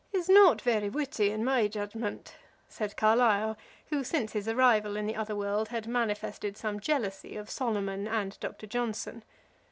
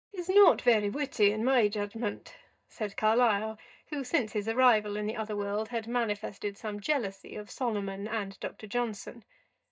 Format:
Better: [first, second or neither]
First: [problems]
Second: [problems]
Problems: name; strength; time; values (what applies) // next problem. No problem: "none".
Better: first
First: none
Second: noise reduction (neural mask model DeepFilterNet 3)